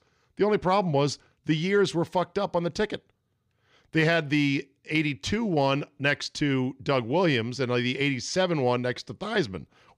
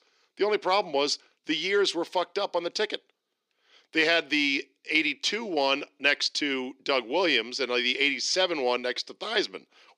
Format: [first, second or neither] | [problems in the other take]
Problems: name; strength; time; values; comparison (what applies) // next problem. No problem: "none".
first | thin; somewhat; fading below 300 Hz